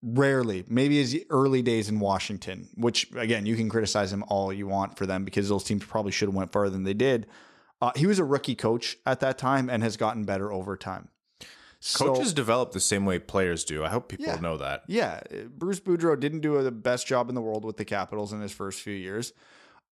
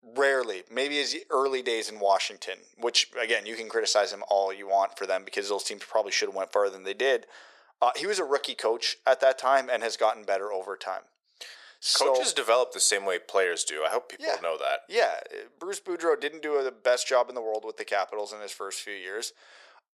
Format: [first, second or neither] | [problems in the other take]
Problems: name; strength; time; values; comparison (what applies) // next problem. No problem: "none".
first | thin; very; fading below 450 Hz